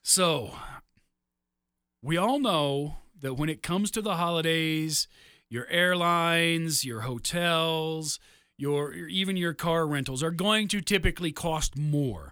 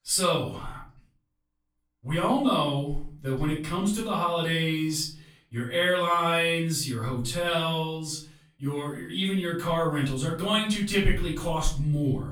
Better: first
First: none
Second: off-mic speech; far // room echo; slight; dies away in 0.4 s

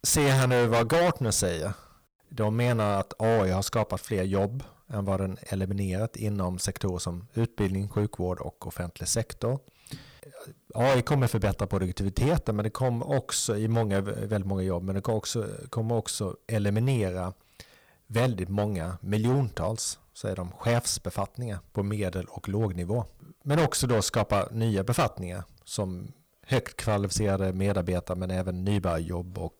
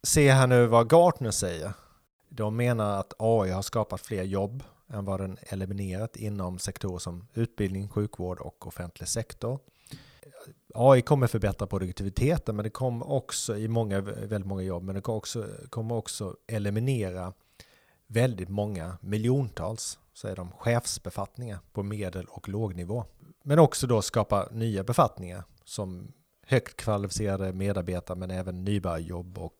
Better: second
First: distortion; heavy; 7% of the sound clipped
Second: none

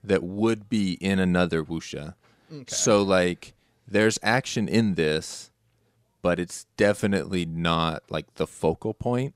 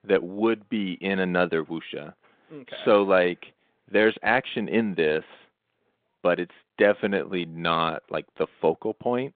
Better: first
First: none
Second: phone-call audio; nothing above 3.5 kHz

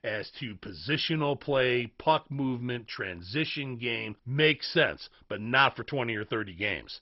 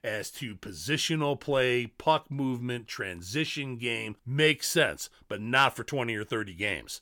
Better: second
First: garbled, watery; badly; nothing above 5.5 kHz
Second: none

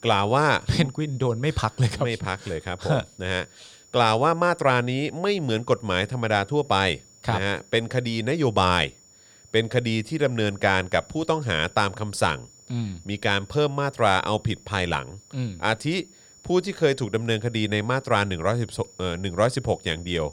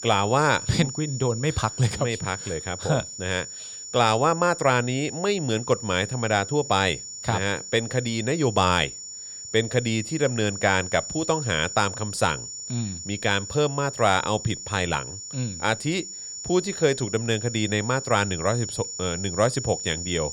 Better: first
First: high-pitched whine; faint; throughout; 7 kHz, 25 dB below the speech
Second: high-pitched whine; loud; throughout; 7 kHz, 9 dB below the speech

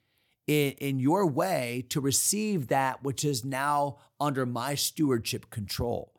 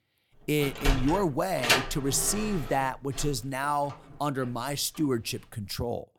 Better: first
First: none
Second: door banging; loud; from 0.5 to 3.5 s; peak 5 dB above the speech

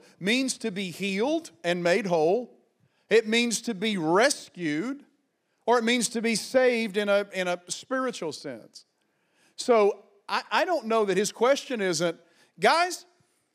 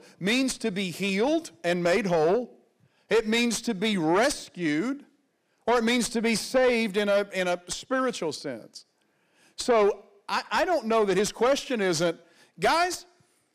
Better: first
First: none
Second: distortion; slight; 10 dB below the speech

